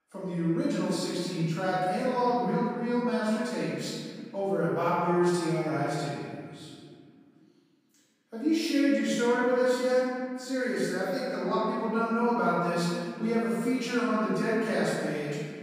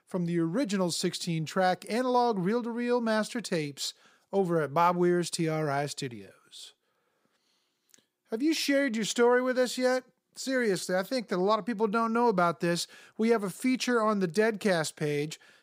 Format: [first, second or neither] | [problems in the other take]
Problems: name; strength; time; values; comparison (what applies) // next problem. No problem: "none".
second | off-mic speech; far // room echo; strong; dies away in 2 s